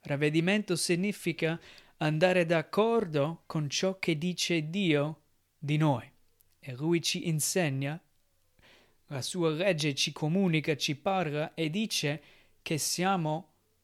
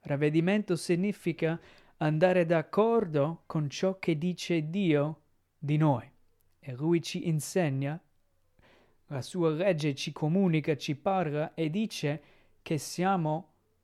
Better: first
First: none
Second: muffled; slightly; fading above 2 kHz

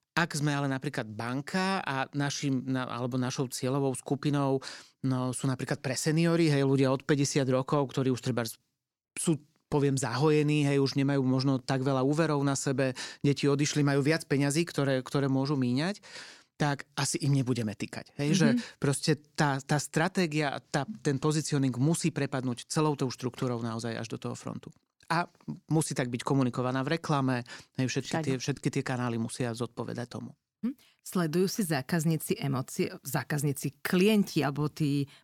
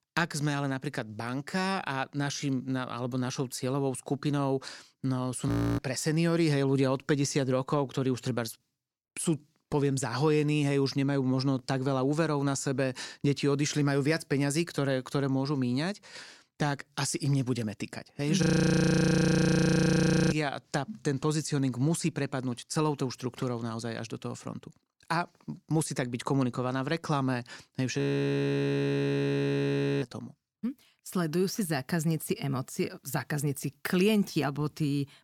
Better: first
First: none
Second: audio freezing; at 5.5 s, at 18 s for 2 s and at 28 s for 2 s

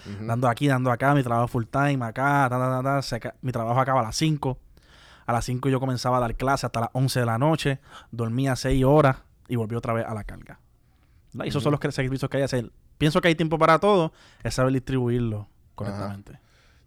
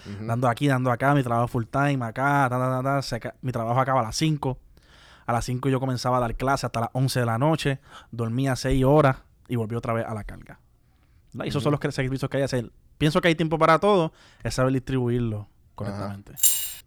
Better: first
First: none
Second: jangling keys; loud; at 16 s; peak 5 dB above the speech

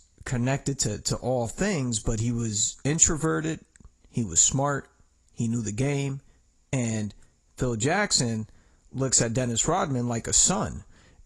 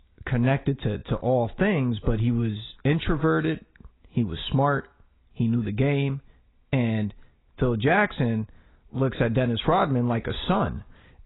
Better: first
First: garbled, watery; slightly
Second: garbled, watery; badly; nothing above 4 kHz

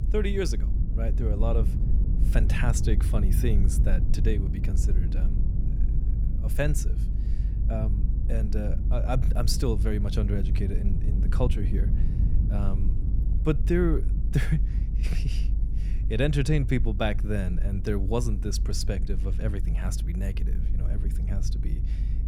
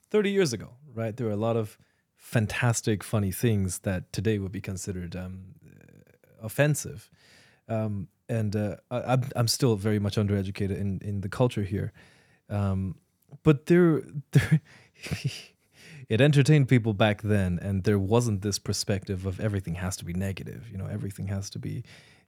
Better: second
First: low rumble; noticeable; throughout; 10 dB below the speech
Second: none

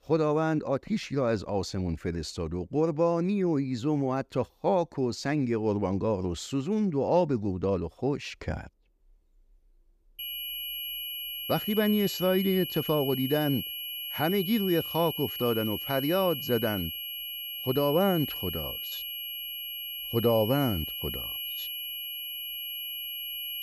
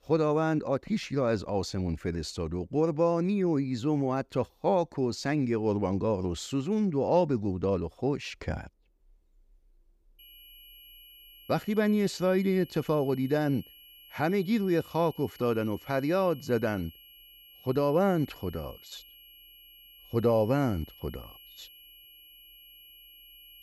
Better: second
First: high-pitched whine; loud; from 10 s on; 3 kHz, 5 dB below the speech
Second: high-pitched whine; faint; from 10 s on; 3 kHz, 20 dB below the speech

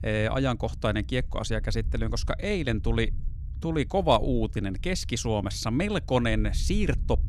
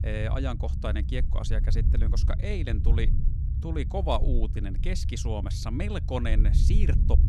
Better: first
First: low rumble; faint; throughout; 25 dB below the speech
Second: low rumble; loud; throughout; 9 dB below the speech

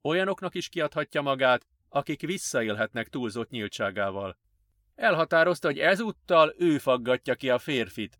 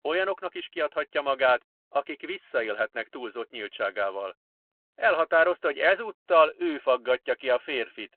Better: first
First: none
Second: phone-call audio

